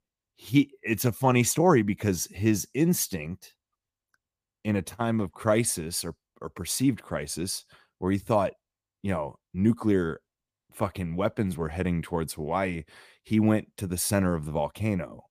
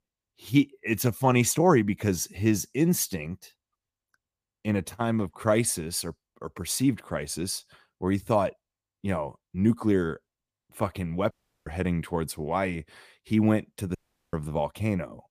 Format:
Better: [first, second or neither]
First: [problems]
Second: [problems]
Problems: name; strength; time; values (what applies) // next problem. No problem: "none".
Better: first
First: none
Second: audio cutting out; at 11 s and at 14 s